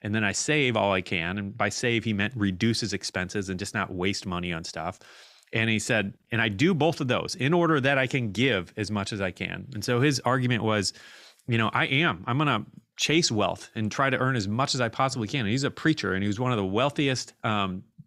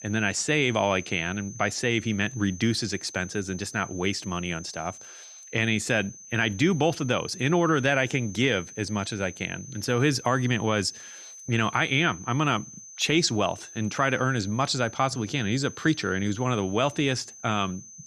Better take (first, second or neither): first